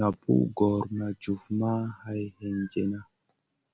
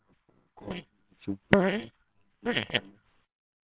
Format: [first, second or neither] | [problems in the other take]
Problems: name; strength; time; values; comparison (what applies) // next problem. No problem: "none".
first | noise reduction (neural separator model SepFormer WHAMR!)